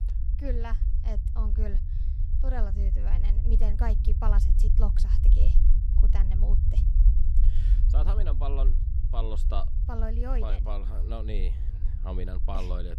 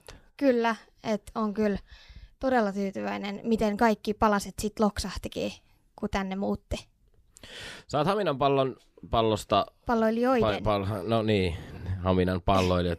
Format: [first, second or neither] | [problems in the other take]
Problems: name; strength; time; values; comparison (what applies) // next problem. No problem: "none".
second | low rumble; loud; throughout; 7 dB below the speech